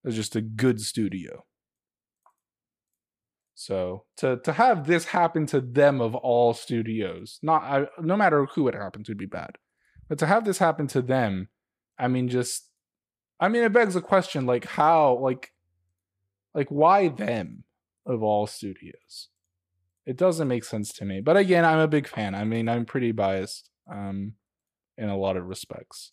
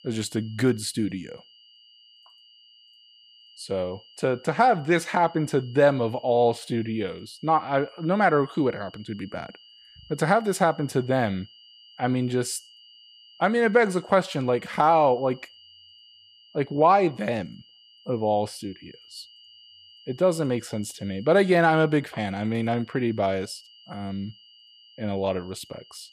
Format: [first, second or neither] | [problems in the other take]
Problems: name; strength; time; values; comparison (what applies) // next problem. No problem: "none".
first | high-pitched whine; faint; throughout; 3 kHz, 25 dB below the speech